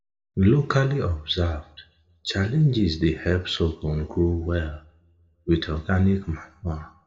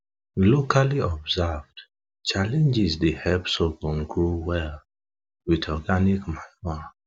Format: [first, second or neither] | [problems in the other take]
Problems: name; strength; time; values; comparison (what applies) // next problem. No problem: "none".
second | room echo; dies away in 0.5 s